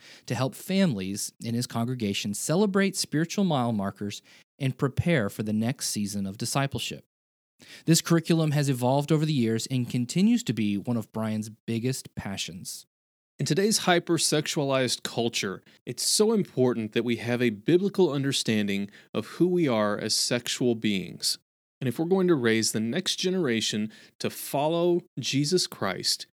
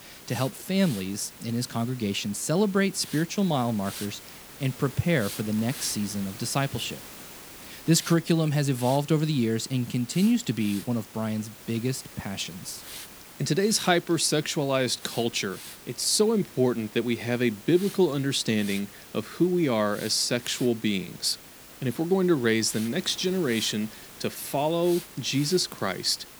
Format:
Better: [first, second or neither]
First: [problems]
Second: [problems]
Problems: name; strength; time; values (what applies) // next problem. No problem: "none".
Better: first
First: none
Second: hiss; noticeable; throughout; 15 dB below the speech